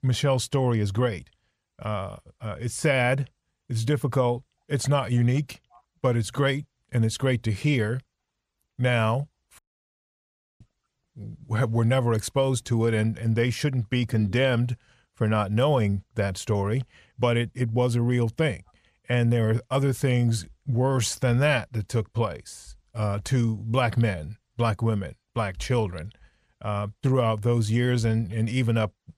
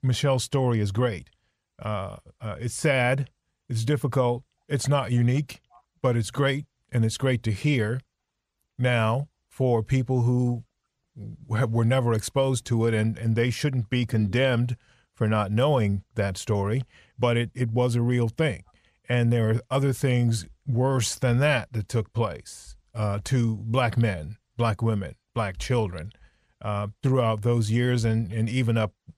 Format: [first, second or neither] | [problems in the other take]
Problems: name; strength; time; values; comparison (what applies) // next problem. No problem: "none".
second | audio cutting out; at 9.5 s for 1 s